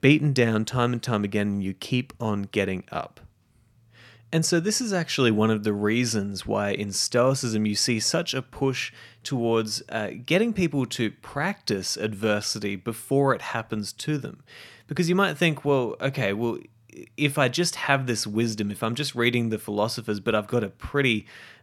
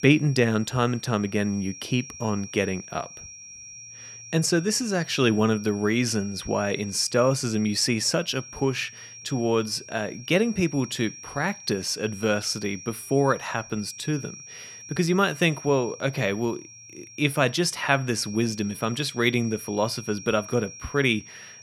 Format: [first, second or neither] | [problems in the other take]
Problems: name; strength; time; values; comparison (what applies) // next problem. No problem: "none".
first | high-pitched whine; noticeable; throughout; 5.5 kHz, 15 dB below the speech